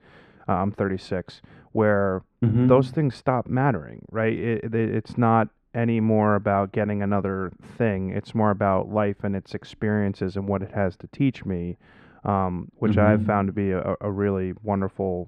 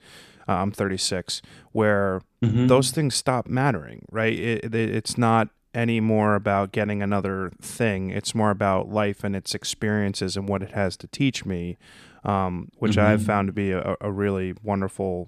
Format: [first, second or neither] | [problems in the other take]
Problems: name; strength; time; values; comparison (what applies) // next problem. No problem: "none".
second | muffled; very; fading above 4 kHz